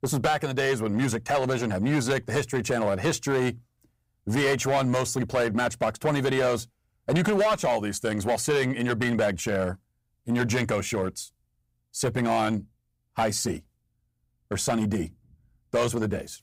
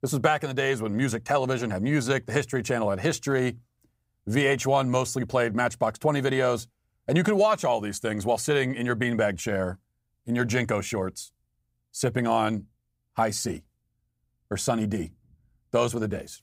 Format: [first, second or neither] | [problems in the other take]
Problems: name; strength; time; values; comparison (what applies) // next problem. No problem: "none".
second | distortion; slight; 7% of the sound clipped